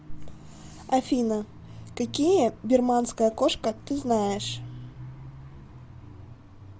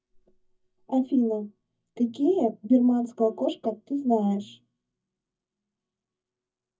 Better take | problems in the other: first | noise reduction (neural mask model DeepFilterNet 3)

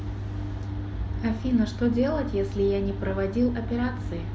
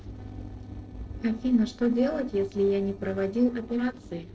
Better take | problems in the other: first | noise reduction (neural separator model SepFormer DNS4)

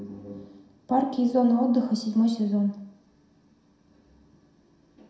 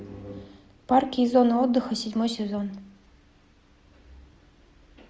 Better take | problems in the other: second | room echo; dies away in 0.6 s

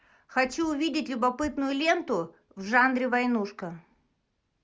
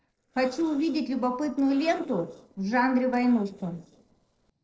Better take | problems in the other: first | noise reduction (neural separator model SepFormer DNS4)

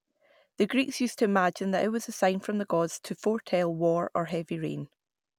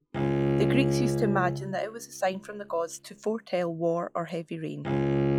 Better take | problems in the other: first | noise reduction (classical method log-MMSE)

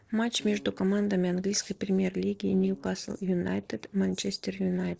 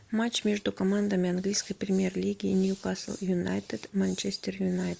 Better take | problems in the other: second | noise reduction (neural separator model SepFormer DNS4)

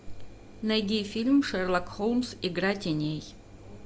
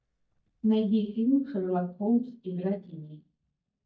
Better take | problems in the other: first | noise reduction (neural mask model DeepFilterNet 3)

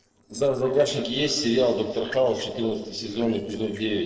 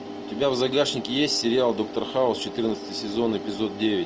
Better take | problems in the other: second | noise reduction (neural separator model SepFormer DNS4)

